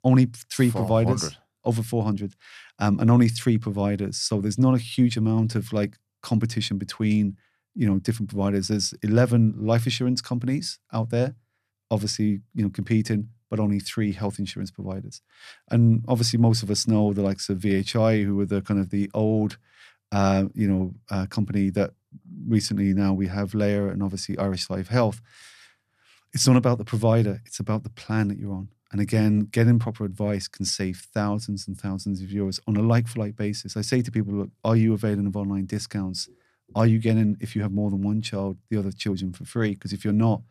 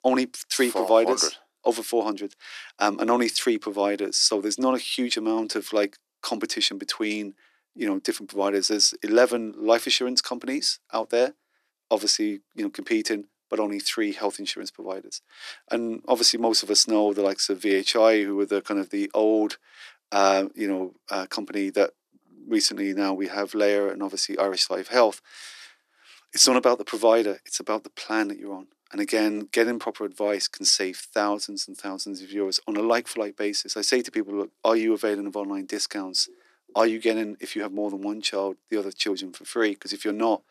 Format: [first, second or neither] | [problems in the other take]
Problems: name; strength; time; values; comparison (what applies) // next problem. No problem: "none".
first | thin; very; fading below 300 Hz